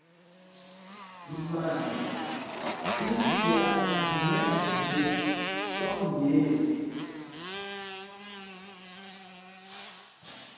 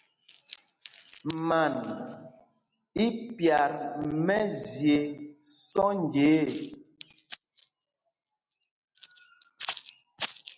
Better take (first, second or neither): second